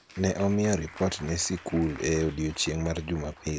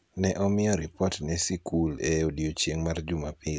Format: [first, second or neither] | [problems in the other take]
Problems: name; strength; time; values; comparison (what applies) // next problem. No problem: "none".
second | background sound (Applause); 19 dB below the speech